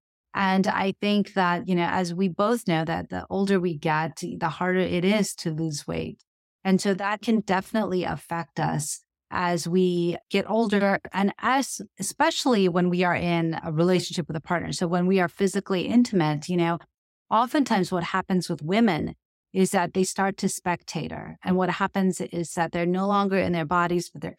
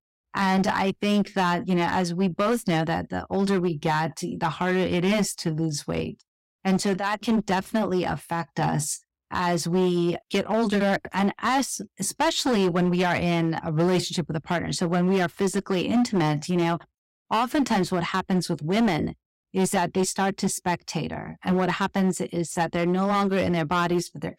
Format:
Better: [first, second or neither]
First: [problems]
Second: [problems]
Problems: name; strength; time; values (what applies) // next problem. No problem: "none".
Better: first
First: none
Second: distortion; slight; 9% of the sound clipped